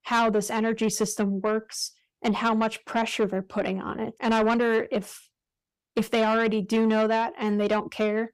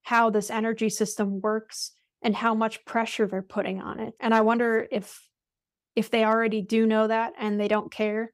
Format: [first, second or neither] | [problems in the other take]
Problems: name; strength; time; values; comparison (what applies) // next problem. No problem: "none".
second | distortion; slight; 10 dB below the speech